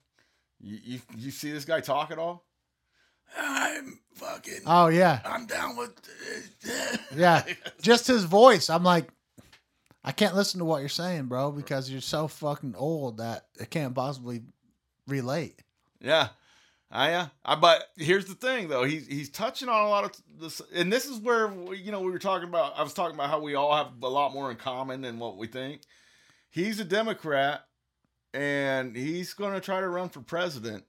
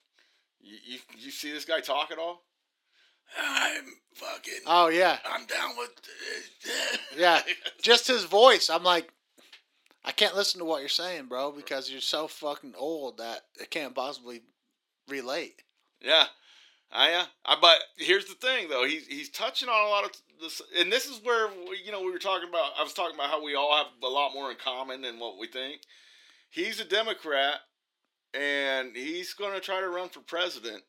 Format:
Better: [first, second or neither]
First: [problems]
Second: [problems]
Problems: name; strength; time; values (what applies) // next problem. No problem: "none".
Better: first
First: none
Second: thin; somewhat; fading below 350 Hz